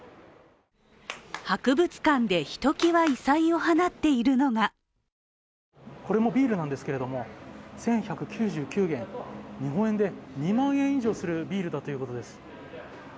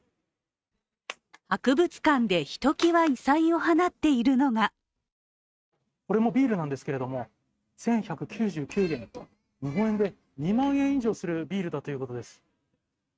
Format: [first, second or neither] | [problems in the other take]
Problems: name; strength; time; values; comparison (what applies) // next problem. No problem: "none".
first | noise reduction (neural mask model RNNoise)